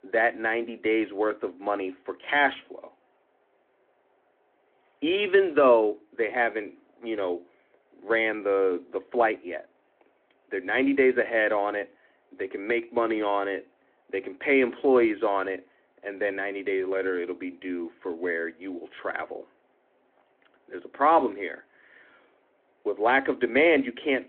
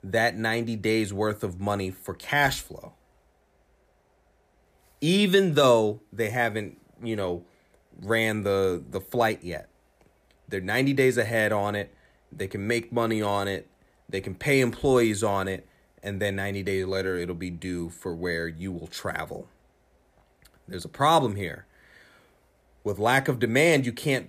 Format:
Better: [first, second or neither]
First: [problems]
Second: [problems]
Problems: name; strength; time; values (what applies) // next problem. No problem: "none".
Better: second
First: phone-call audio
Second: none